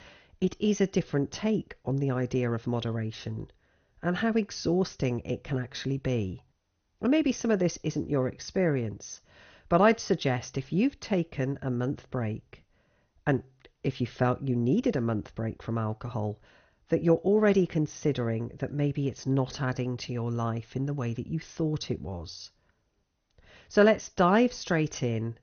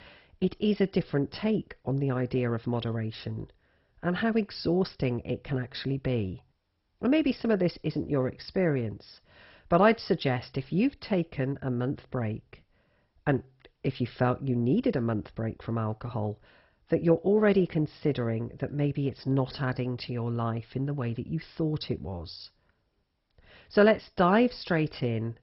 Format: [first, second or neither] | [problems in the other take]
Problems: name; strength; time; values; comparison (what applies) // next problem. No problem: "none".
first | garbled, watery; badly; nothing above 5.5 kHz; slightly in the first